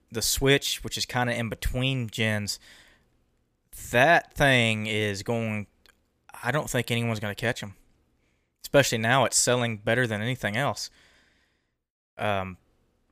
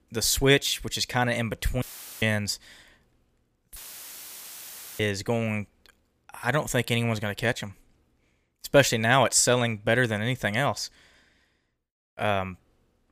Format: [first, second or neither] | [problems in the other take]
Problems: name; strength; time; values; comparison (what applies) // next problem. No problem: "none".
first | audio cutting out; filled with static; at 2 s and at 4 s for 1 s